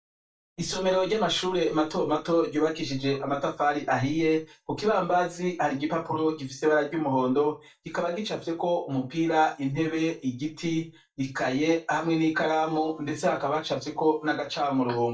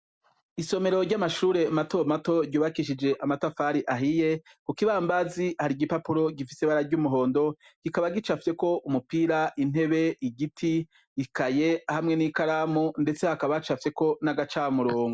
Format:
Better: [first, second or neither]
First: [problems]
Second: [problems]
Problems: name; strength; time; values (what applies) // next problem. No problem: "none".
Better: second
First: noise reduction (neural mask model DeepFilterNet 3)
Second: none